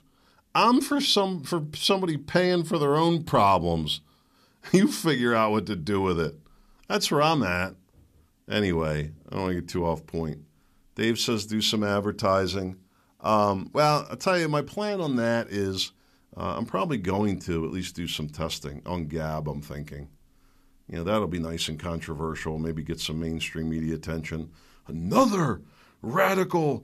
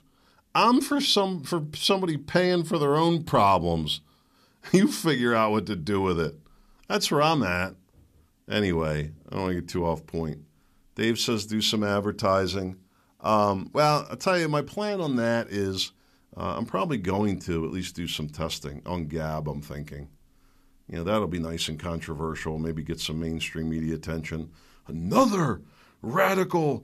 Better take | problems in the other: neither | none

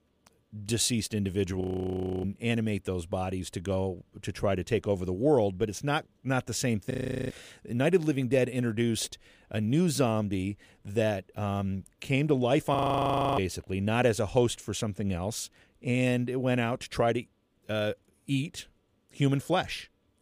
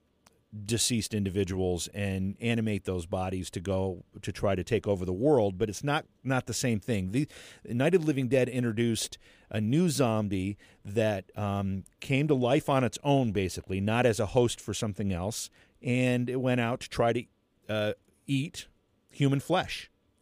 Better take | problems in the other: second | audio freezing; at 1.5 s for 0.5 s, at 7 s and at 13 s for 0.5 s

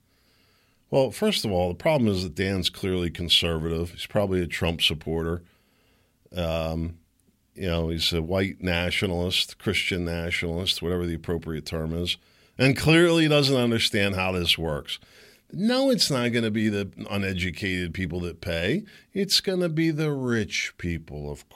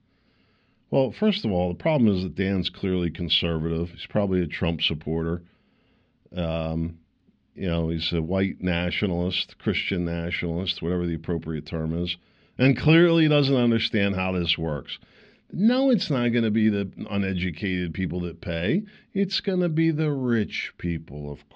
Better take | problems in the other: first | muffled; very slightly; fading above 4 kHz

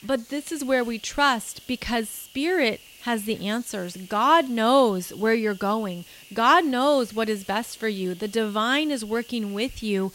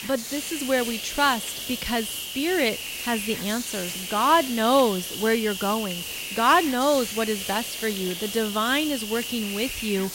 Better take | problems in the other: first | hiss; loud; throughout; 6 dB below the speech; faint in the first

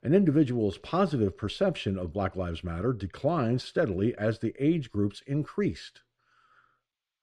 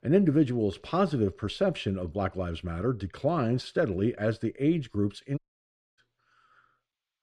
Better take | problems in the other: first | audio cutting out; at 5.5 s for 0.5 s

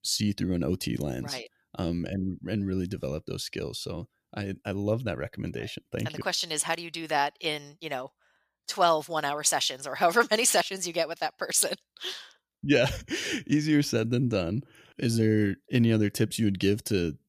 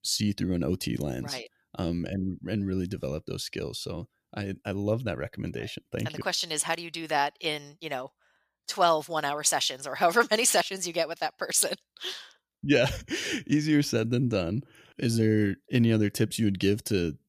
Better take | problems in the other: neither | none

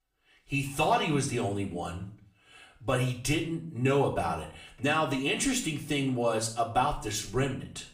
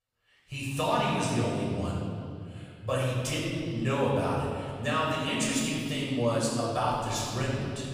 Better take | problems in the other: first | room echo; strong; dies away in 2.2 s; slight in the first // off-mic speech; far; far in the first

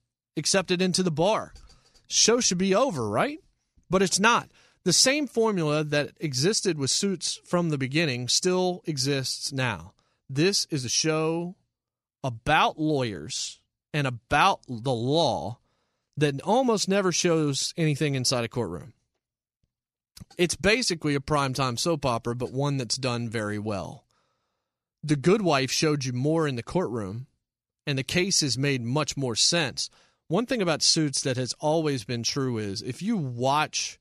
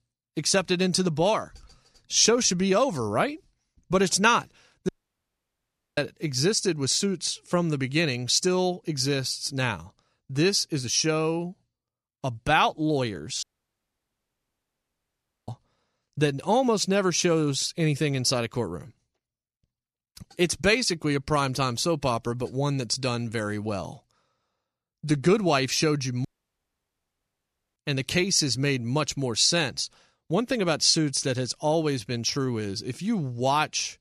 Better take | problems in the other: first | audio cutting out; at 5 s for 1 s, at 13 s for 2 s and at 26 s for 1.5 s

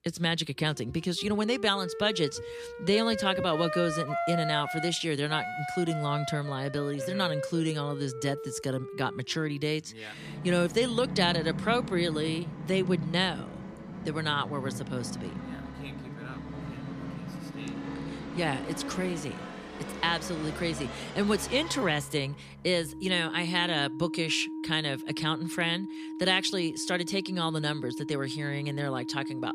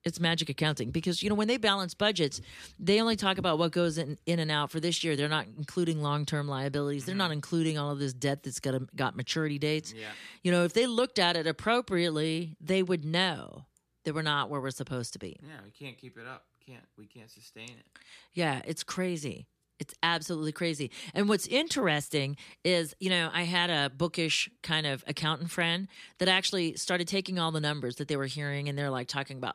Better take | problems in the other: second | background music; loud; throughout; 8 dB below the speech

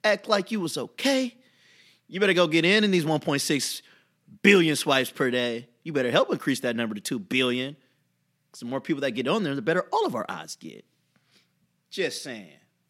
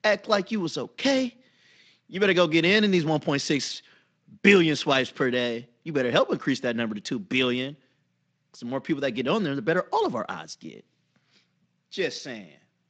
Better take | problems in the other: first | garbled, watery; slightly; nothing above 7.5 kHz

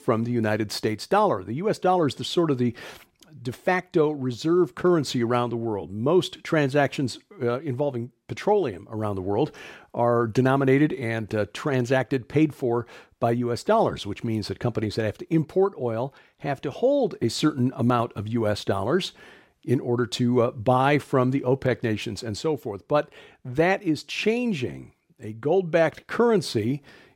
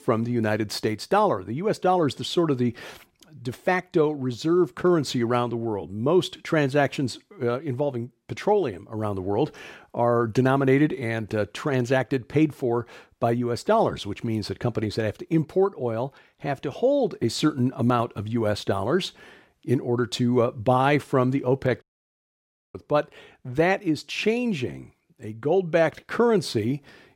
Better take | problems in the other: first | audio cutting out; at 22 s for 1 s

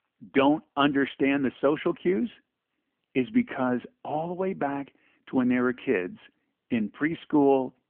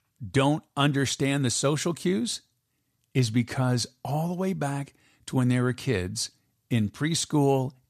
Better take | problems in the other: second | phone-call audio; nothing above 3.5 kHz

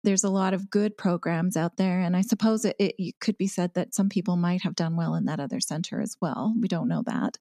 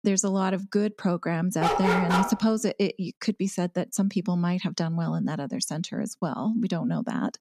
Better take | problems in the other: first | dog barking; loud; at 1.5 s; peak 2 dB above the speech

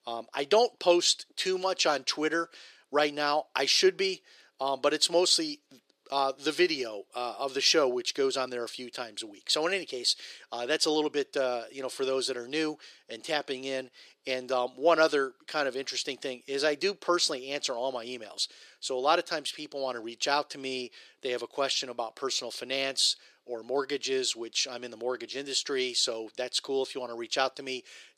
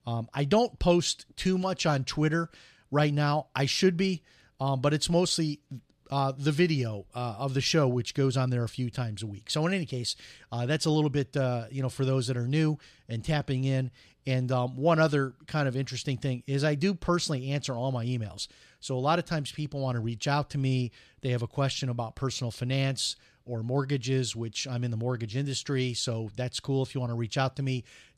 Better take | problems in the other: second | thin; very; fading below 350 Hz

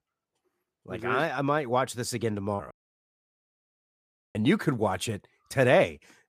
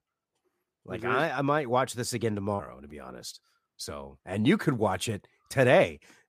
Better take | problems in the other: second | audio cutting out; at 2.5 s for 1.5 s

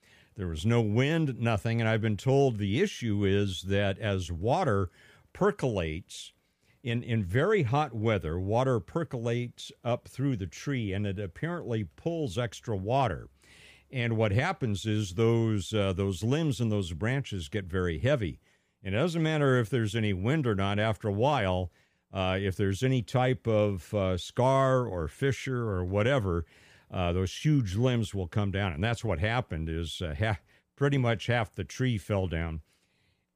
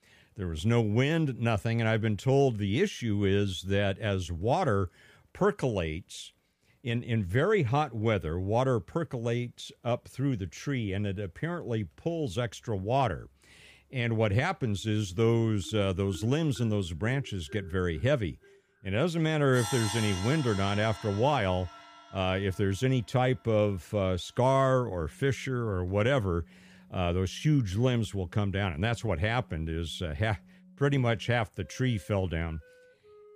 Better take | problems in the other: first | background music; noticeable; from 15 s on; 15 dB below the speech

